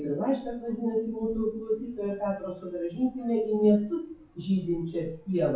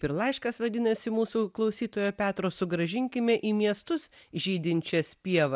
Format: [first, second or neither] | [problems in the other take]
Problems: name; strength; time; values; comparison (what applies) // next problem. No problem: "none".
second | noise reduction (classical method WPE with log-MMSE)